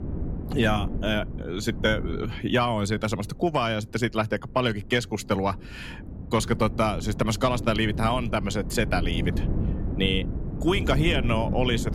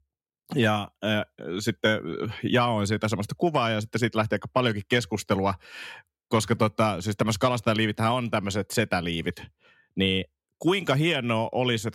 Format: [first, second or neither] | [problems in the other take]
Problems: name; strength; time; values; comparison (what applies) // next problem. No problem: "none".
second | wind noise on the microphone; occasional gusts; 15 dB below the speech